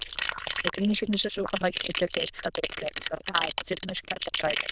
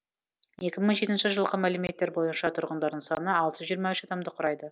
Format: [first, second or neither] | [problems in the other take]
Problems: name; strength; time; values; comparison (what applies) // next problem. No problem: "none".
second | noise reduction (neural diffusion model UNIVERSE++)